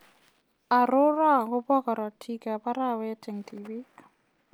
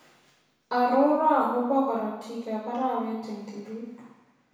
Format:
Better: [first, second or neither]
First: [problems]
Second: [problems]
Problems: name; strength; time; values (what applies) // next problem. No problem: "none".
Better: first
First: none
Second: room echo; dies away in 1 s